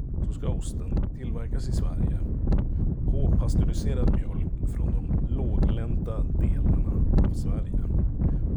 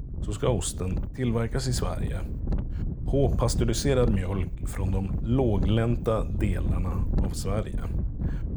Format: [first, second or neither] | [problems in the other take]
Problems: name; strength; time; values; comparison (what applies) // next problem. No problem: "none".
second | wind noise on the microphone; heavy; 5 dB above the speech; occasional gusts in the second